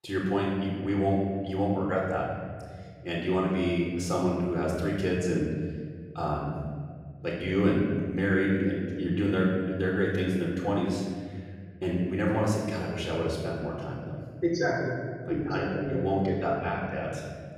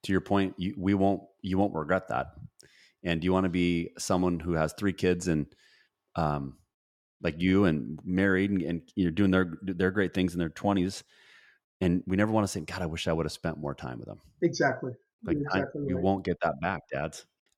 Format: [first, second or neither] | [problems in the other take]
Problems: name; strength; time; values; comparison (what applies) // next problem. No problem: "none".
second | off-mic speech; far // room echo; noticeable; dies away in 2.1 s